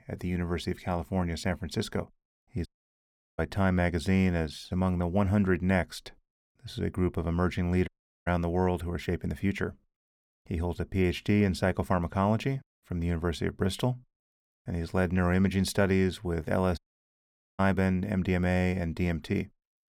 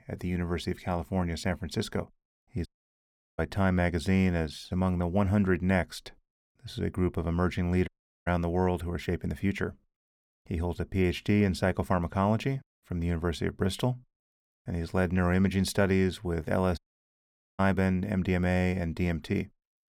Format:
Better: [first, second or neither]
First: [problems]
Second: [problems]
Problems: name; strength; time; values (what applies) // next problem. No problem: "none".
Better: neither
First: audio cutting out; at 2.5 s for 0.5 s, at 8 s and at 17 s for 1 s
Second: audio cutting out; at 2.5 s for 0.5 s, at 8 s and at 17 s for 1 s